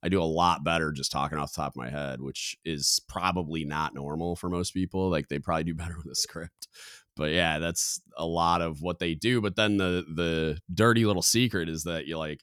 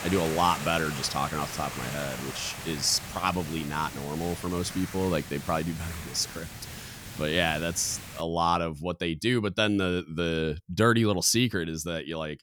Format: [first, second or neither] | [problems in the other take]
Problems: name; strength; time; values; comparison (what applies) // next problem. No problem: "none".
first | hiss; noticeable; until 8 s; 10 dB below the speech